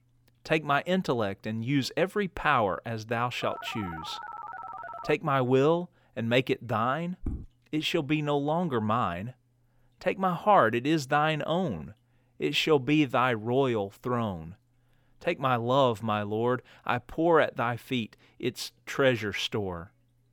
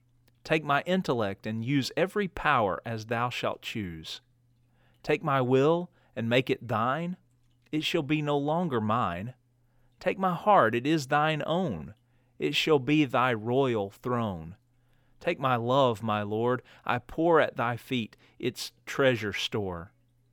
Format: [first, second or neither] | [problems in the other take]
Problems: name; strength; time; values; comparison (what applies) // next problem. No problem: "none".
second | phone ringing; faint; from 3.5 to 5 s; peak 10 dB below the speech // footsteps; faint; at 7 s; peak 10 dB below the speech